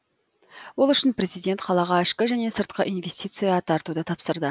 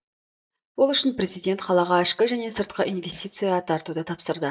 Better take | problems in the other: first | noise reduction (neural mask model DeepFilterNet 3)

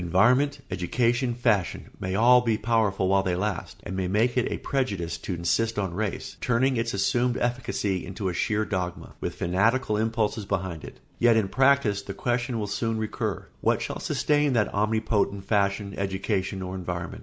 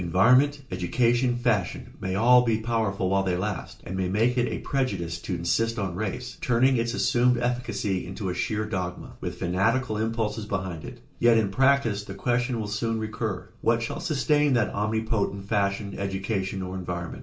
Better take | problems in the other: first | room echo; dies away in 0.2 s

